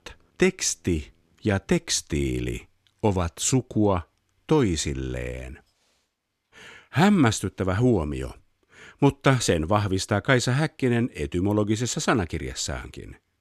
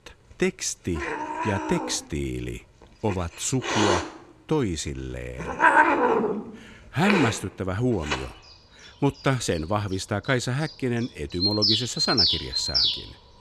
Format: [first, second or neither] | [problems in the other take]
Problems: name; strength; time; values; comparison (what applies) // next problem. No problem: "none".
first | animal sounds; very loud; throughout; 4 dB above the speech